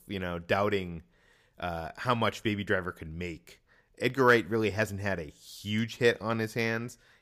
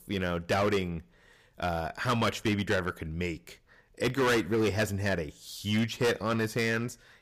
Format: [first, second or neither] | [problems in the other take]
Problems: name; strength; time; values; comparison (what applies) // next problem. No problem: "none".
first | distortion; heavy; 9% of the sound clipped